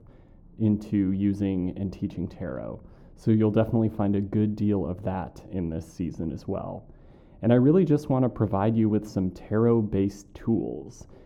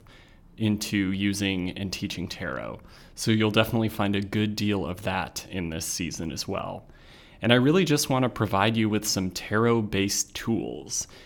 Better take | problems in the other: second | muffled; very; fading above 1.5 kHz

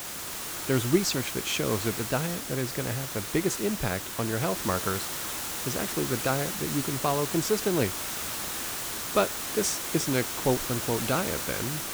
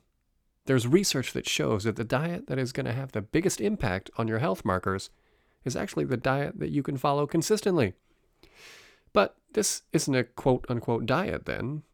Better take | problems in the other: second | hiss; loud; throughout; 2 dB below the speech

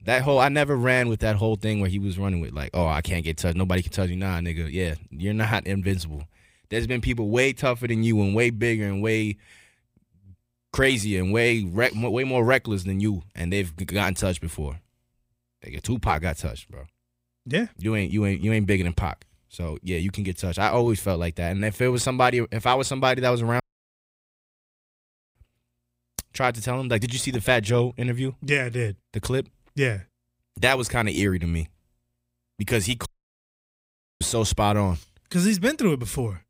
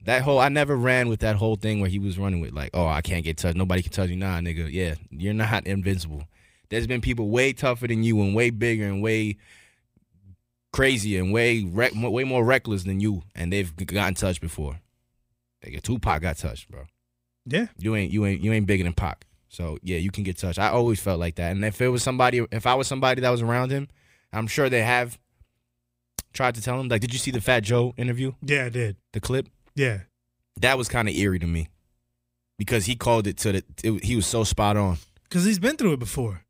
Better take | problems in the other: second | audio cutting out; at 24 s for 2 s and at 33 s for 1 s

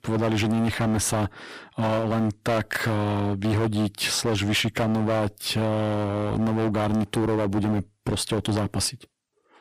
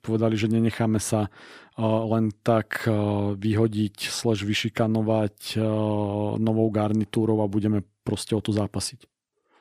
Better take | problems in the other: second | distortion; heavy; 20% of the sound clipped

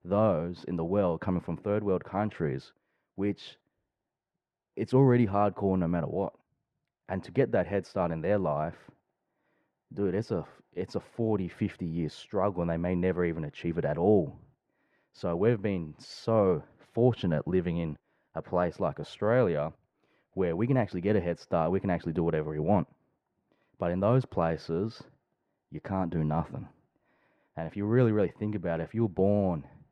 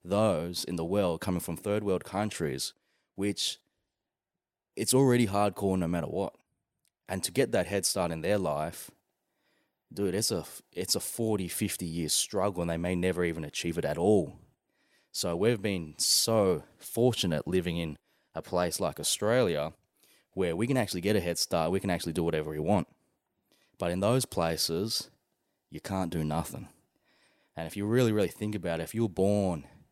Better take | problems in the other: second | muffled; very; fading above 1.5 kHz

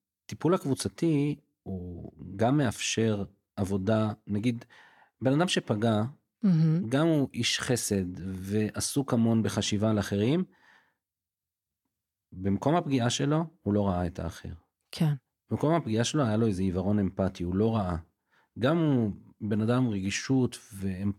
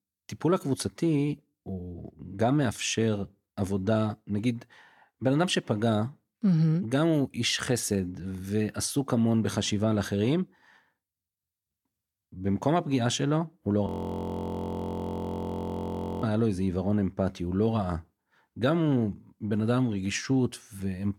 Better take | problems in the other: first | audio freezing; at 14 s for 2.5 s

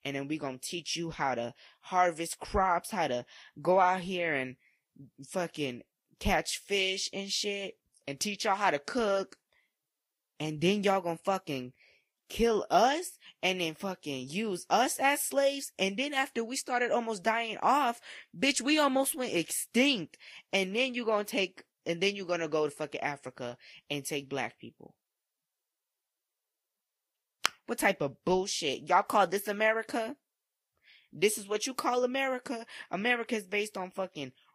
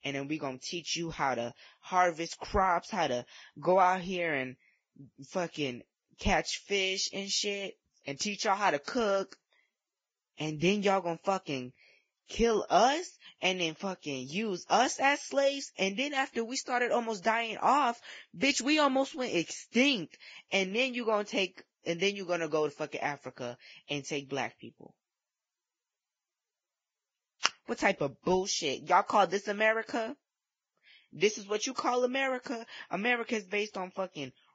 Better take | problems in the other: first | garbled, watery; badly; nothing above 7.5 kHz; slightly in the first

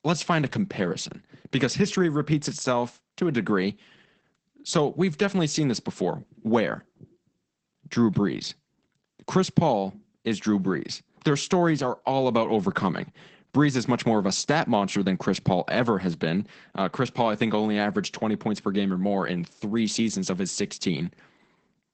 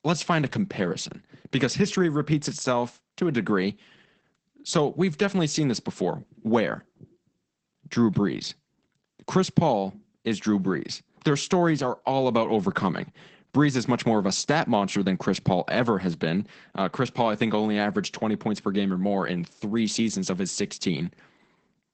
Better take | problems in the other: neither | garbled, watery; badly; nothing above 8 kHz; the same in both

